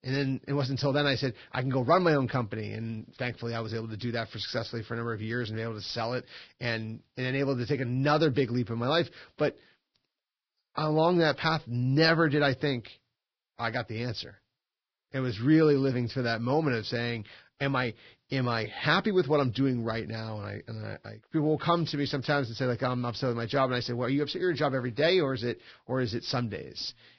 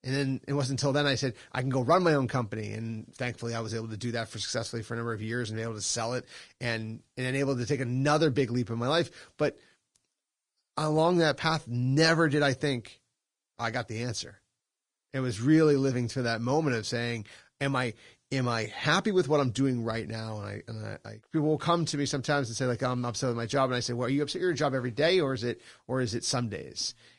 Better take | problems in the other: second | garbled, watery; badly; nothing above 5.5 kHz; slightly in the second

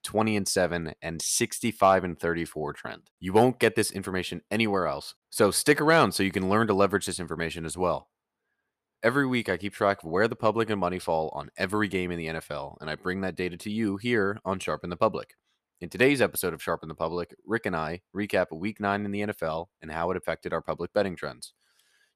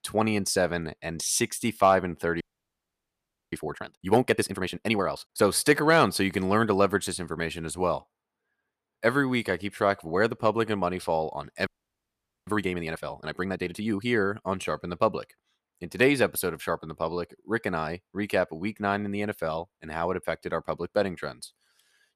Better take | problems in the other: first | audio freezing; at 2.5 s for 1 s and at 12 s for 1 s

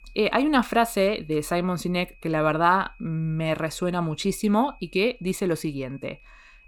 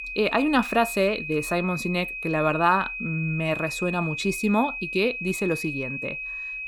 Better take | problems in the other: first | high-pitched whine; loud; throughout; 2.5 kHz, 6 dB below the speech; faint in the first

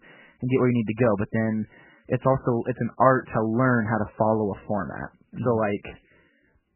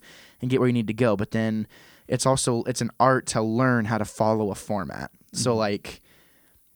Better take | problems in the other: second | garbled, watery; badly; nothing above 3 kHz

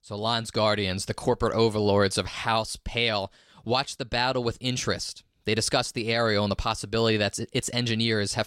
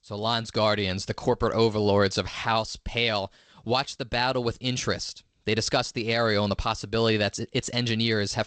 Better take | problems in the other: first | garbled, watery; slightly; nothing above 8 kHz

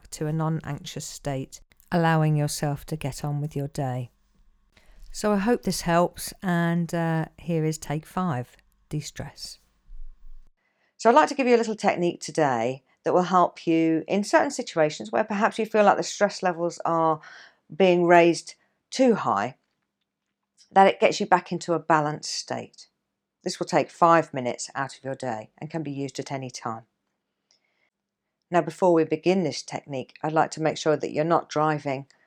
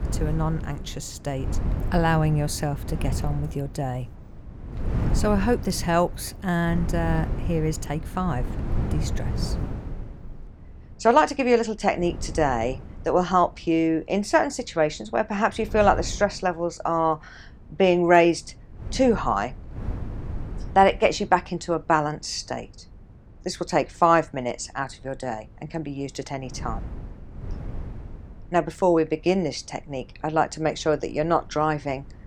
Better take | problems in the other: first | wind noise on the microphone; occasional gusts; 20 dB below the speech

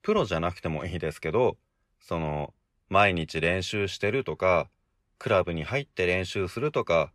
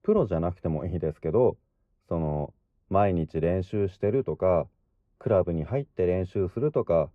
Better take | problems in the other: first | muffled; very; fading above 1.5 kHz

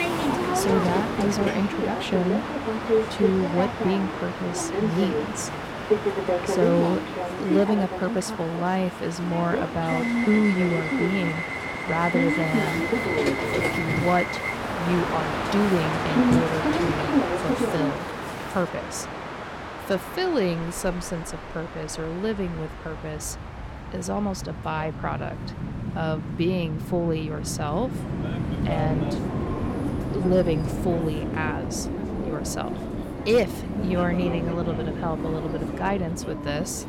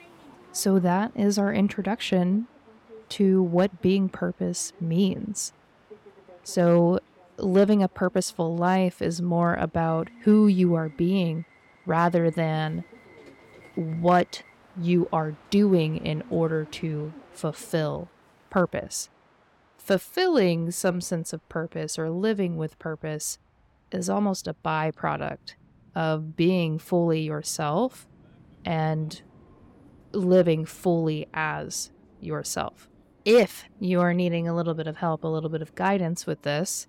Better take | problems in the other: second | train or aircraft noise; loud; throughout; as loud as the speech; faint in the second

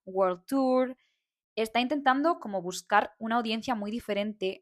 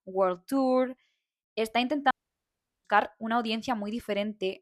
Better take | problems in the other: first | audio cutting out; at 2 s for 0.5 s

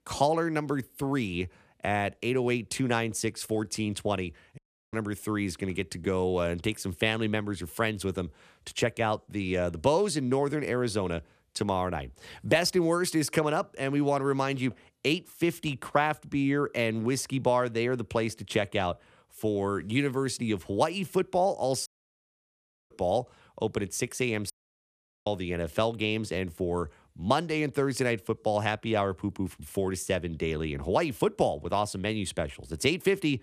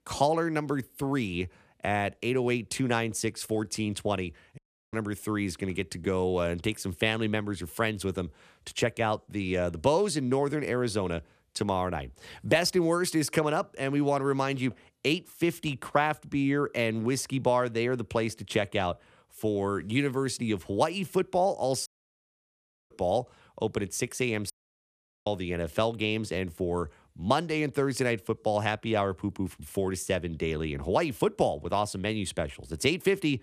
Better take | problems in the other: neither | audio cutting out; at 4.5 s, at 22 s for 1 s and at 25 s for 1 s; the same in both

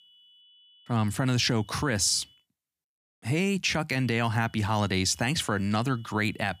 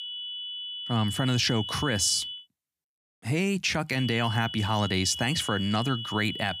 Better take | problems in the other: first | high-pitched whine; loud; until 2.5 s and from 4 s on; 3 kHz, 7 dB below the speech; faint in the first

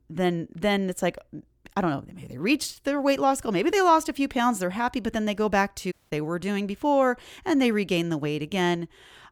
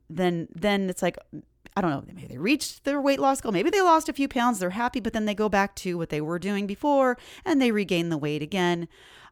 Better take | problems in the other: second | audio cutting out; at 6 s

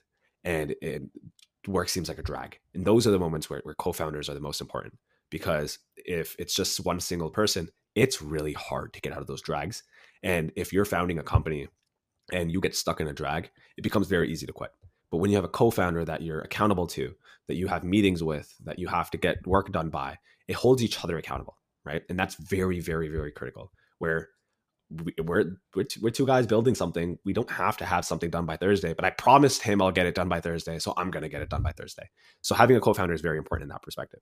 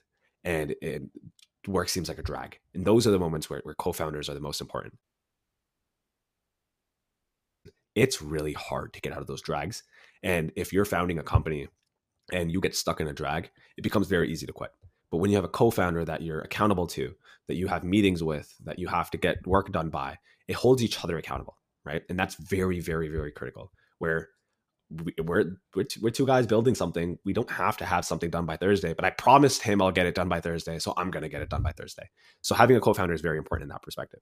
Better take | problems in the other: first | audio cutting out; at 5 s for 2.5 s

